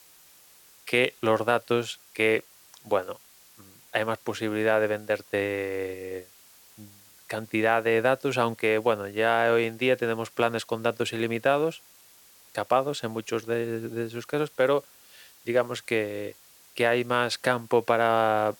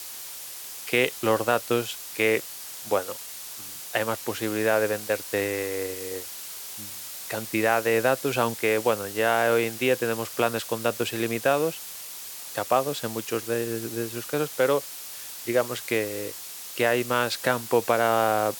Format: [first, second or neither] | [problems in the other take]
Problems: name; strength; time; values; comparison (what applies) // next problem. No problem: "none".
first | hiss; loud; throughout; 10 dB below the speech; faint in the first